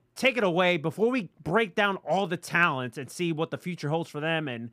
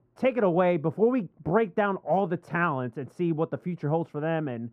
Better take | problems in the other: first | muffled; very; fading above 2 kHz

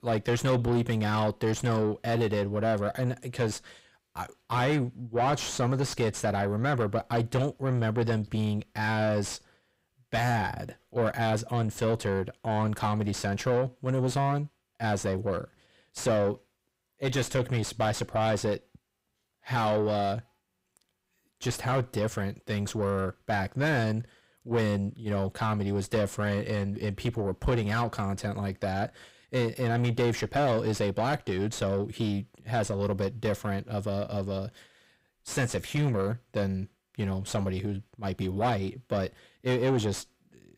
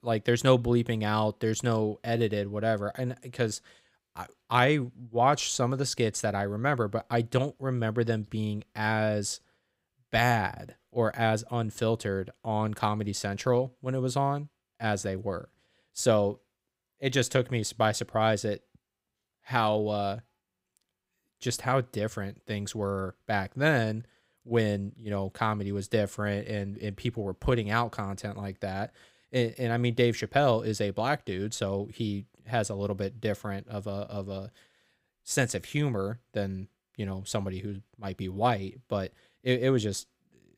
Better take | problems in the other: second | distortion; heavy; 6 dB below the speech

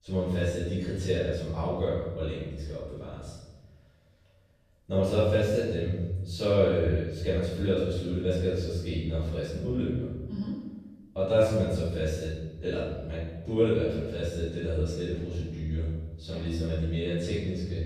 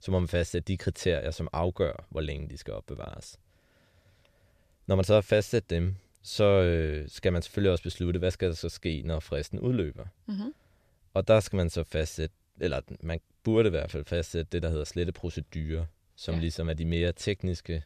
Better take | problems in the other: second | off-mic speech; far // room echo; strong; dies away in 1.1 s

